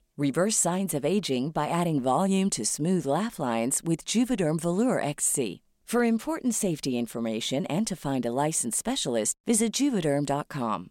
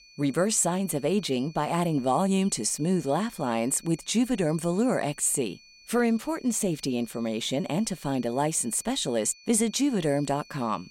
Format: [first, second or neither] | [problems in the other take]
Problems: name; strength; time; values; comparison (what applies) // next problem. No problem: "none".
first | high-pitched whine; faint; throughout; 4.5 kHz, 25 dB below the speech